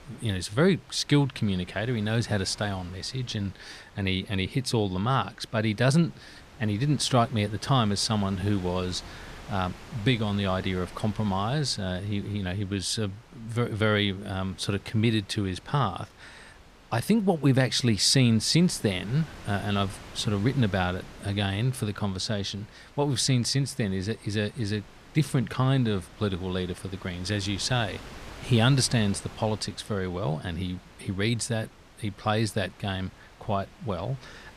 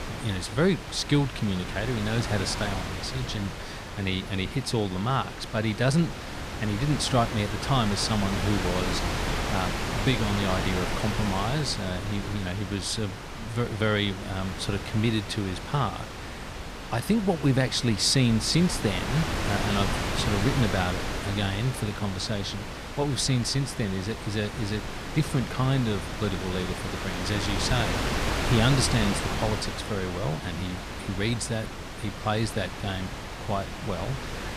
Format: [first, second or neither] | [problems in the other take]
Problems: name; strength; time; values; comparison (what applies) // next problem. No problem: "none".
first | wind noise on the microphone; heavy; 3 dB below the speech; occasional gusts in the first